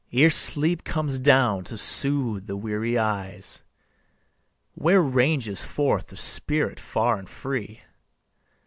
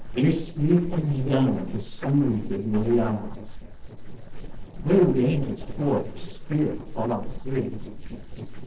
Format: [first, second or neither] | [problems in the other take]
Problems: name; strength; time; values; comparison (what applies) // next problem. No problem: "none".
first | noise reduction (neural separator model SepFormer DNS4)